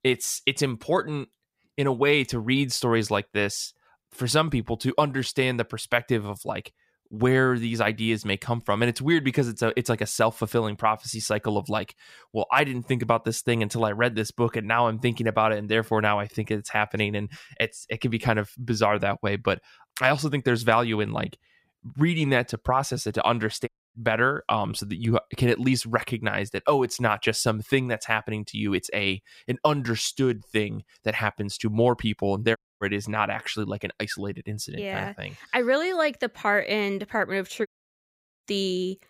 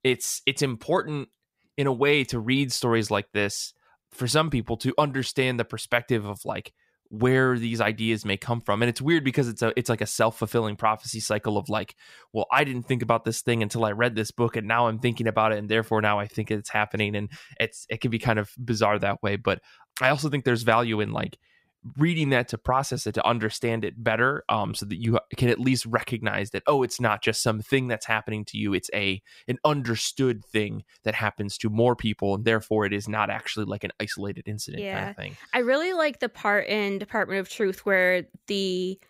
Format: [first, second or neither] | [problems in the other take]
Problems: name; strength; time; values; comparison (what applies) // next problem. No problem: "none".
second | audio cutting out; at 24 s, at 33 s and at 38 s for 1 s